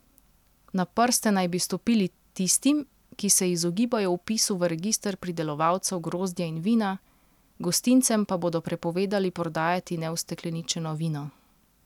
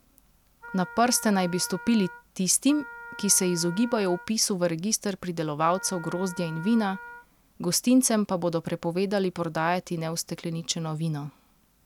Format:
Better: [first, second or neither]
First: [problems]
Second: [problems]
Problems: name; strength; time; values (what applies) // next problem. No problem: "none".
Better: first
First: none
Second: background sound (Wind instrument, woodwind instrument); 16 dB below the speech